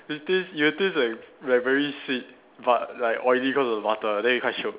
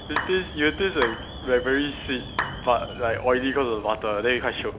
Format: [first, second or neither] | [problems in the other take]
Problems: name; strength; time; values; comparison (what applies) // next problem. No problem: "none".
first | background sound (Clapping + Alarm); 9 dB below the speech